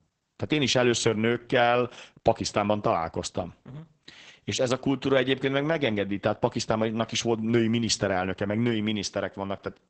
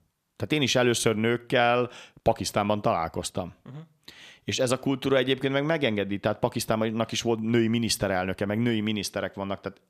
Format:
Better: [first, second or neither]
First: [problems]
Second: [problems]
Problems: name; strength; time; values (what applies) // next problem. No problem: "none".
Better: second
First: garbled, watery; badly; nothing above 8 kHz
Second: none